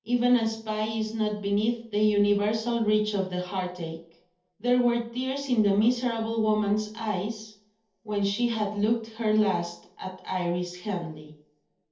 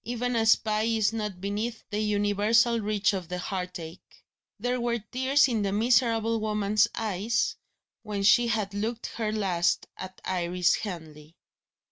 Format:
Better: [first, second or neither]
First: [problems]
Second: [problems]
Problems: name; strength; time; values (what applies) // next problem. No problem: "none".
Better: second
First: room echo; dies away in 0.5 s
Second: none